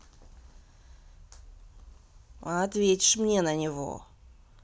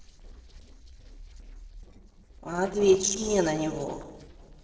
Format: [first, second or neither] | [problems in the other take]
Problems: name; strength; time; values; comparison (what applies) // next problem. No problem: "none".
first | noise reduction (neural separator model SepFormer DNS4)